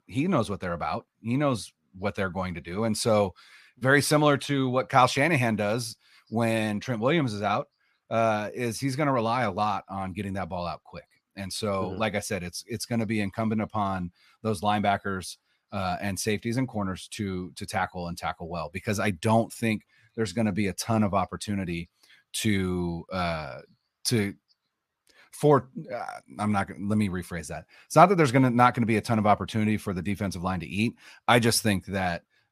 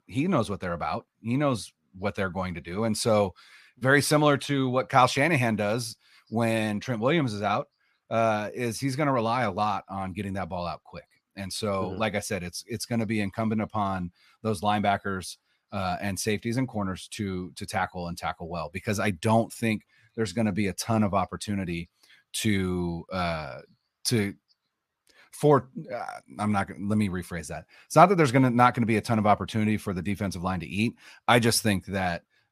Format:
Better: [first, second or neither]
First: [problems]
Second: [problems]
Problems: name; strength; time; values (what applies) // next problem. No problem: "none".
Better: neither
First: none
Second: none